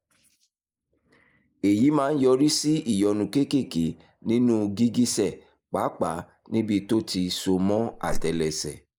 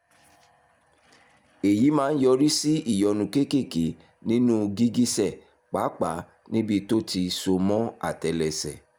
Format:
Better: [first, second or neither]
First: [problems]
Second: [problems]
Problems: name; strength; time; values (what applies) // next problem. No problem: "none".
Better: second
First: noise reduction (neural mask model Resemble Enhance denoiser)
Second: none